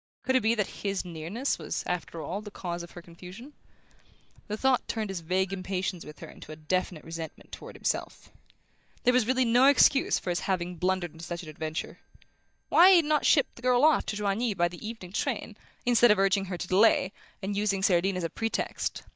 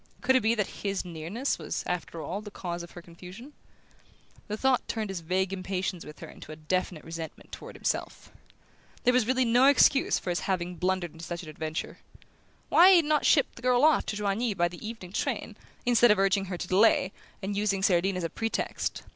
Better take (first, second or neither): second